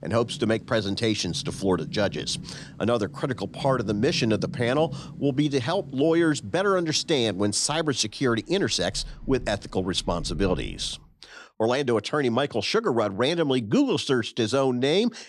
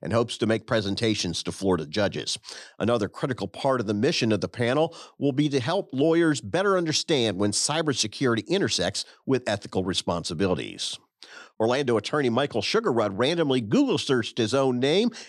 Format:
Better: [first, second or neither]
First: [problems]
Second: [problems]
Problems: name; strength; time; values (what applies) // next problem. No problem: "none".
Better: second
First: rain or running water; noticeable; until 11 s; 15 dB below the speech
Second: none